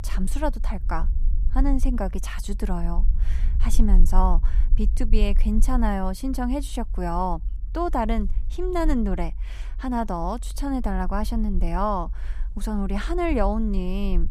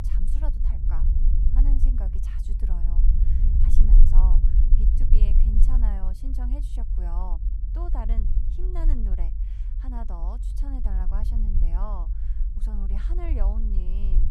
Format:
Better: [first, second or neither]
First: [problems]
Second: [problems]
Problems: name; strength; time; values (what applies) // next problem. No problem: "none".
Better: first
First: low rumble; faint; throughout; 20 dB below the speech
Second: low rumble; loud; throughout; 3 dB below the speech